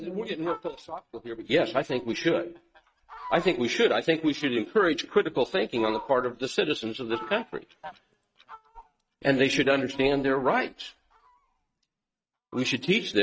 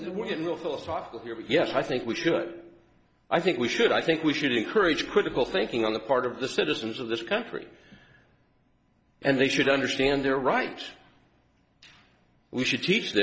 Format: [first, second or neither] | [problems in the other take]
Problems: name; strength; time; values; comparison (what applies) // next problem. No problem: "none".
second | noise reduction (neural mask model RNNoise)